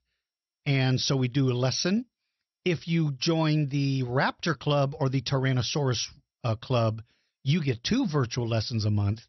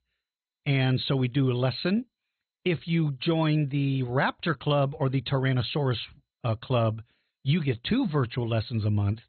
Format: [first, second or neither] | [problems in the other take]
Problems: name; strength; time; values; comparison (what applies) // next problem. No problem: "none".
first | garbled, watery; badly; nothing above 4 kHz; slightly in the first